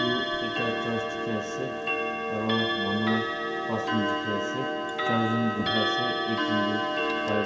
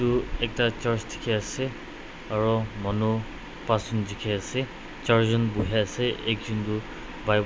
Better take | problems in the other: second | background sound (Clock); 3 dB above the speech // room echo; dies away in 0.7 s

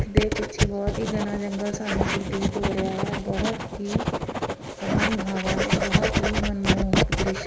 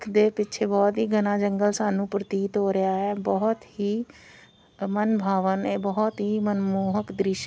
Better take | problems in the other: second | background sound (Writing); 4 dB above the speech // room echo; dies away in 1.7 s

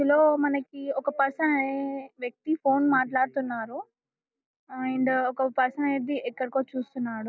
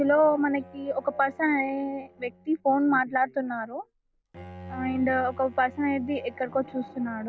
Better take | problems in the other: first | background sound (Bowed string instrument); 19 dB below the speech

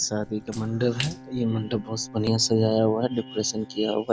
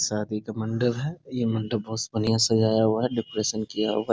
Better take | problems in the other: second | background sound (Bowed string instrument + Splash, splatter); 16 dB below the speech

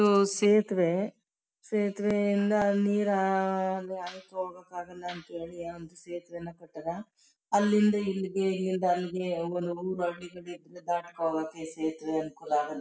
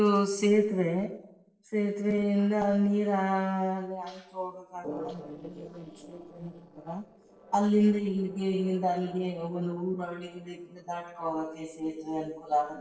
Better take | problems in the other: first | noise reduction (neural separator model SepFormer DNS4)

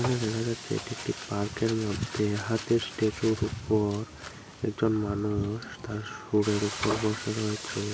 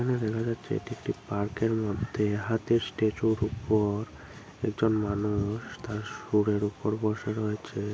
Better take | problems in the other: second | background sound (Frying (food)); 11 dB below the speech

